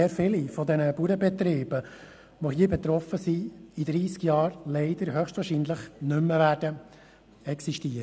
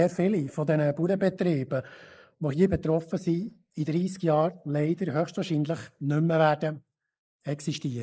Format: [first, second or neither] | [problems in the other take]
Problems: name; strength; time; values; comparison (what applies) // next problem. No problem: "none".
first | noise reduction (neural mask model Resemble Enhance denoiser)